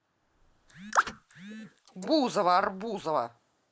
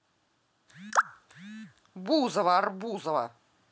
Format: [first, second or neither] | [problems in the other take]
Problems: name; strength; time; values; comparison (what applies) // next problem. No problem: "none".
second | noise reduction (neural mask model Resemble Enhance denoiser)